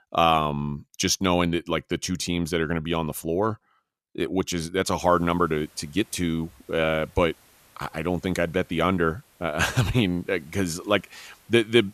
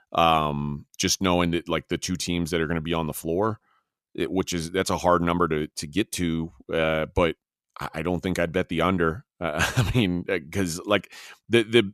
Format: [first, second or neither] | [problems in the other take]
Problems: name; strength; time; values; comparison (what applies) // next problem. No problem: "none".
second | hiss; faint; from 5 s on; 30 dB below the speech